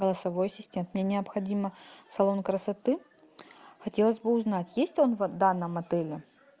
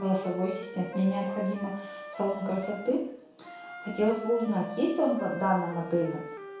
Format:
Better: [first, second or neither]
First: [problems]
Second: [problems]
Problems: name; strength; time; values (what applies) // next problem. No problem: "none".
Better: first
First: none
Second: background sound (Wind instrument, woodwind instrument); 11 dB below the speech // room echo; dies away in 0.5 s